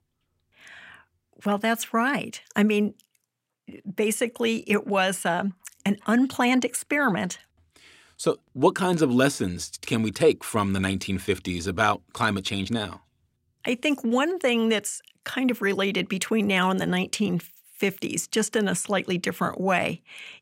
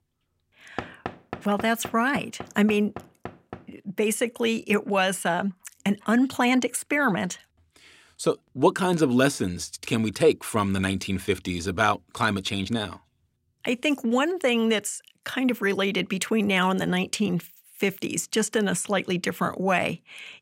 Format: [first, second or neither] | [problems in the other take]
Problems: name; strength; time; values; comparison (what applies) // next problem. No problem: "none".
first | door banging; faint; from 1 to 3.5 s; peak 10 dB below the speech